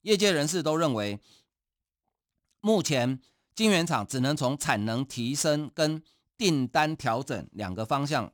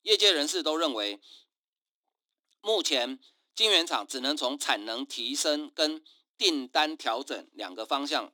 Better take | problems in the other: first | thin; somewhat; fading below 300 Hz

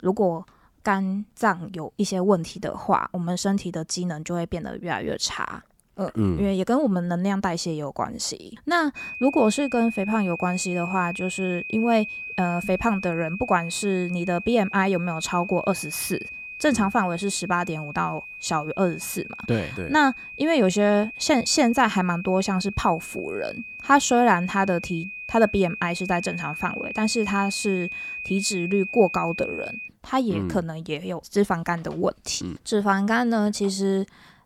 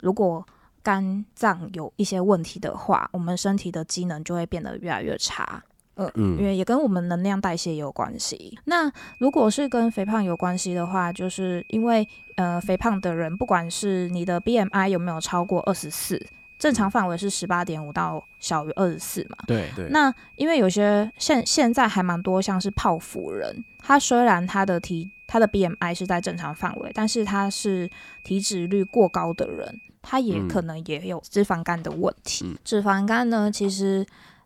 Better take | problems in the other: second | high-pitched whine; loud; from 9 to 30 s; 2.5 kHz, 9 dB below the speech; faint in the second

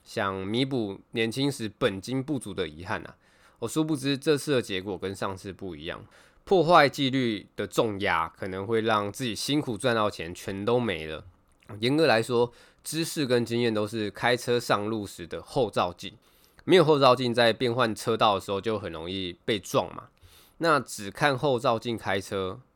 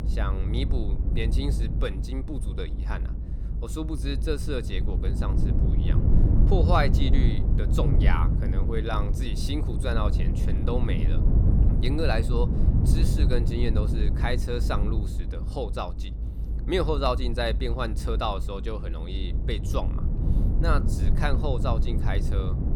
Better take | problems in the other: first | low rumble; loud; throughout; 7 dB below the speech

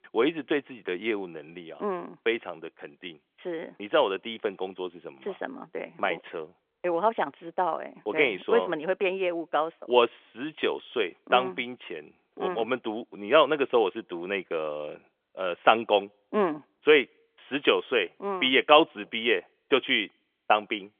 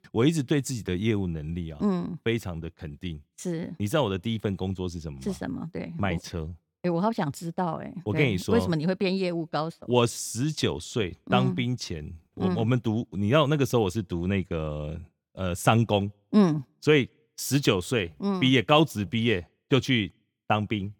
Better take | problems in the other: second | phone-call audio; nothing above 3.5 kHz

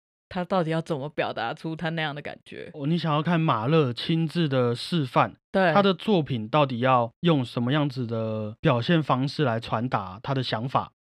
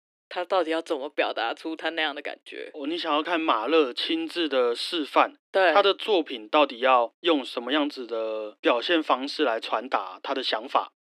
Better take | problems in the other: first | thin; somewhat; fading below 300 Hz

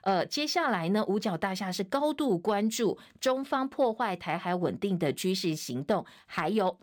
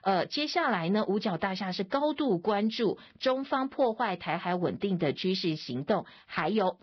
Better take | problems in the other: first | garbled, watery; badly; nothing above 5.5 kHz

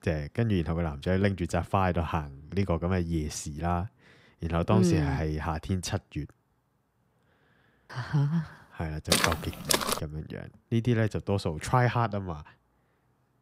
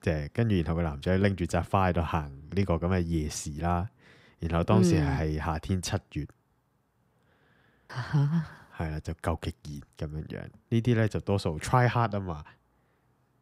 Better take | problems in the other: second | footsteps; loud; at 9 s; peak 4 dB above the speech

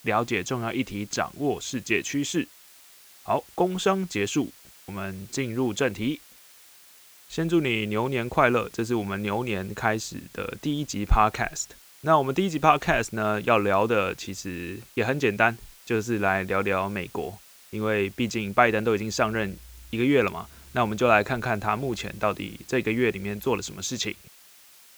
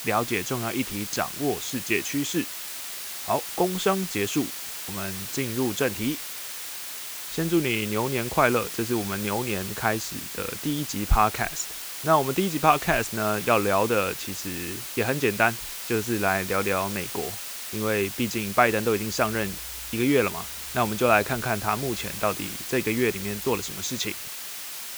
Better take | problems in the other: first | hiss; loud; throughout; 6 dB below the speech; faint in the first

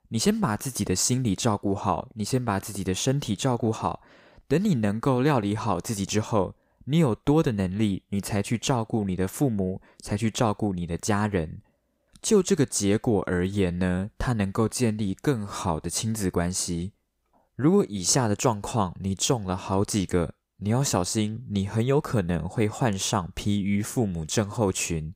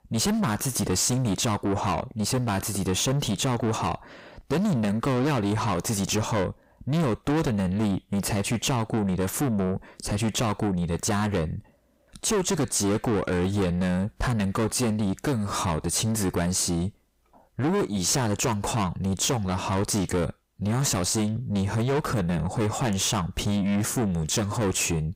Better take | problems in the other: first | distortion; heavy; 5 dB below the speech

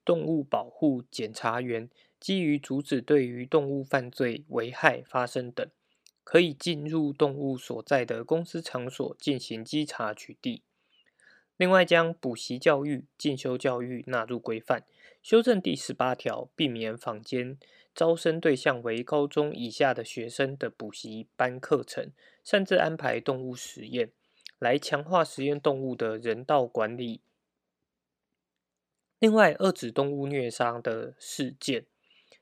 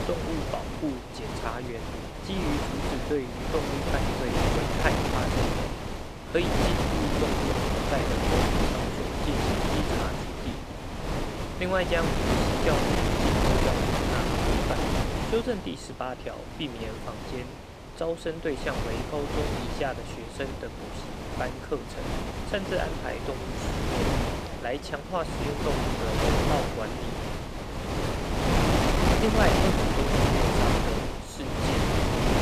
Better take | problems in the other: first | wind noise on the microphone; heavy; 4 dB above the speech

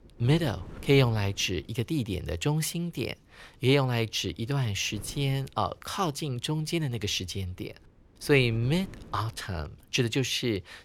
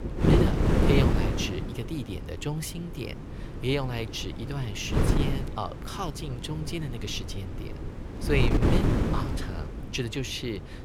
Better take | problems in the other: first | wind noise on the microphone; heavy; 1 dB above the speech; occasional gusts in the first

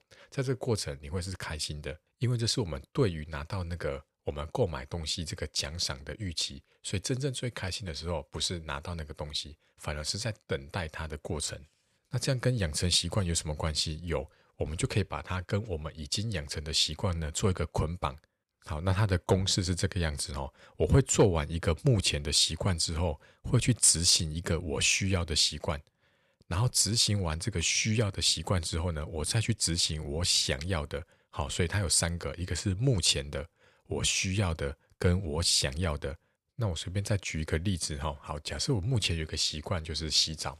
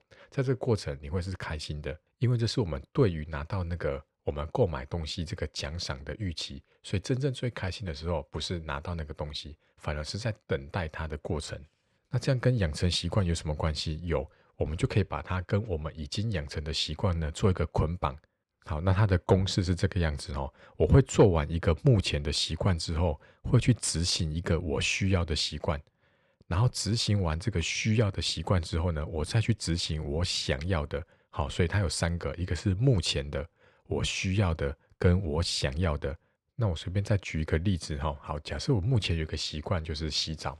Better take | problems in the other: first | muffled; slightly; fading above 2 kHz

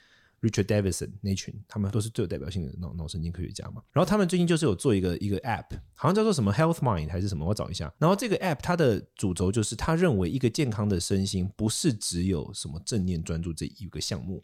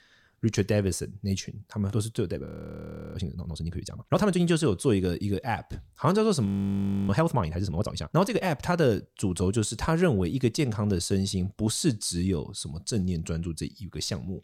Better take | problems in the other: first | audio freezing; at 2.5 s for 0.5 s and at 6.5 s for 0.5 s

